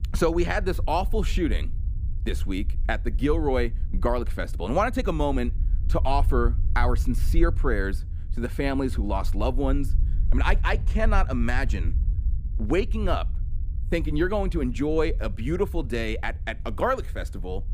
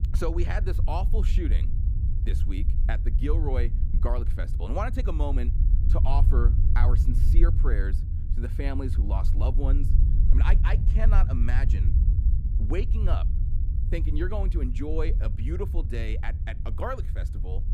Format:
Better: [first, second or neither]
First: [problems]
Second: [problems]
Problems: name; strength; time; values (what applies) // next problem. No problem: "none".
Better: first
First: low rumble; faint; throughout; 20 dB below the speech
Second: low rumble; loud; throughout; 8 dB below the speech